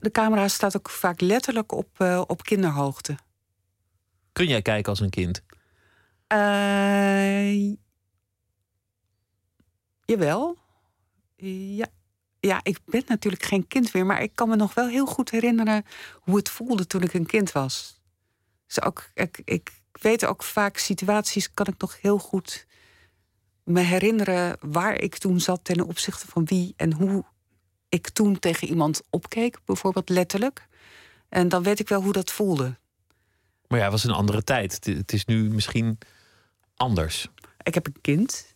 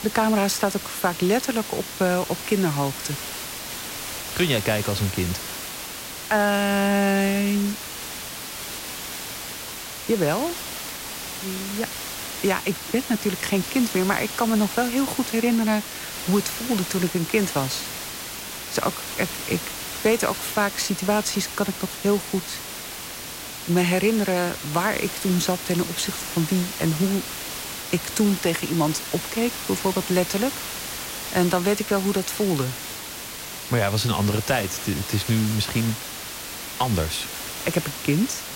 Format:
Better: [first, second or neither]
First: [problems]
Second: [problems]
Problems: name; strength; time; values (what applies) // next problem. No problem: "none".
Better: first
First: none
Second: hiss; loud; throughout; 7 dB below the speech